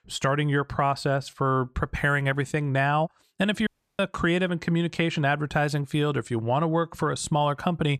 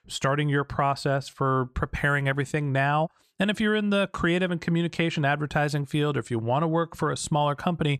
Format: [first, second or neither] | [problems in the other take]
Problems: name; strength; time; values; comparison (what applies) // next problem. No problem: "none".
second | audio cutting out; at 3.5 s